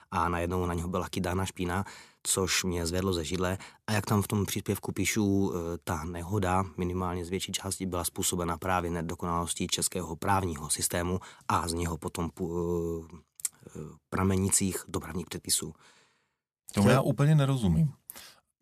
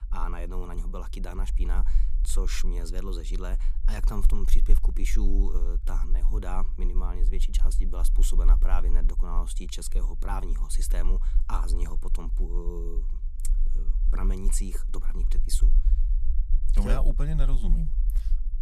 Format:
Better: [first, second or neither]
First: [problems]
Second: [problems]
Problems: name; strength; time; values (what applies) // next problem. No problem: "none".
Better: first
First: none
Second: low rumble; noticeable; throughout; 15 dB below the speech